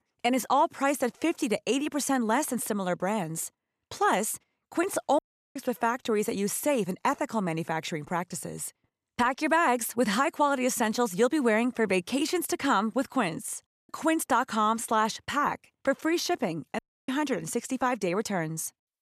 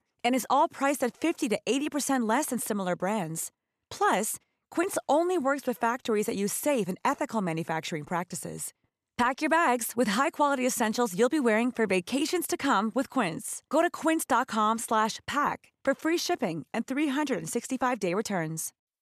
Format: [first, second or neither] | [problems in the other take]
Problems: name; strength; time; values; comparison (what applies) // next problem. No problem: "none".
second | audio cutting out; at 5 s, at 14 s and at 17 s